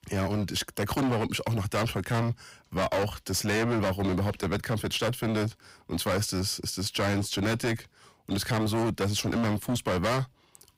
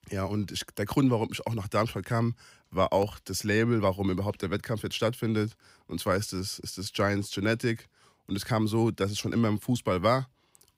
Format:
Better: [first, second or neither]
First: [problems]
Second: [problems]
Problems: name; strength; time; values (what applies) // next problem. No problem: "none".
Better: second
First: distortion; heavy; 20% of the sound clipped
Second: none